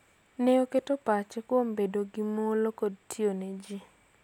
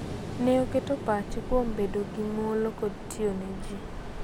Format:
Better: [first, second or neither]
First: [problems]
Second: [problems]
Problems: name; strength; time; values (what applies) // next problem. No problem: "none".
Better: first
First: none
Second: background sound (Ocean); 5 dB below the speech